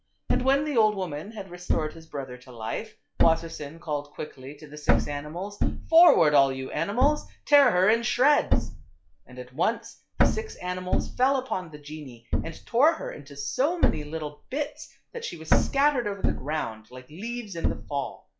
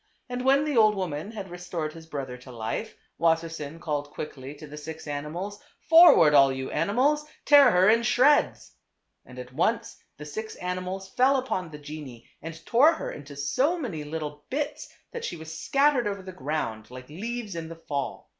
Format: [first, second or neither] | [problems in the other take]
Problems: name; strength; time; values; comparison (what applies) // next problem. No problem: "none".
second | noise reduction (classical method log-MMSE)